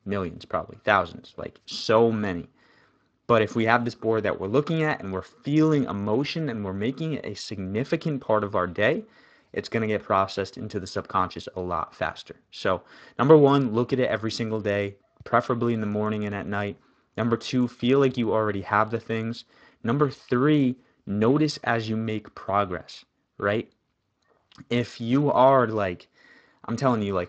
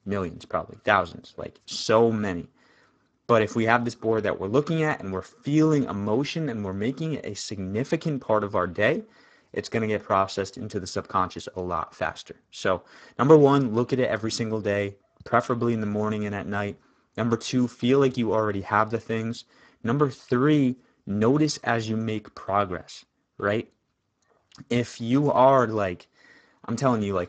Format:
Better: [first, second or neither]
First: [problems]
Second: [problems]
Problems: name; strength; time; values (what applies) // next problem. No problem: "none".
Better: first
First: garbled, watery; slightly; nothing above 7.5 kHz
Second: garbled, watery; badly; nothing above 7.5 kHz